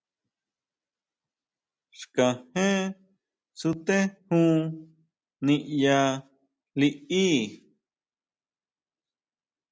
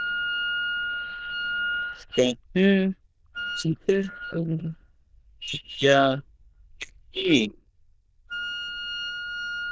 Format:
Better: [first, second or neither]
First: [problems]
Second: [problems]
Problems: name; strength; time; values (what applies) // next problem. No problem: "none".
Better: first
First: none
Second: noise reduction (neural diffusion model UNIVERSE++)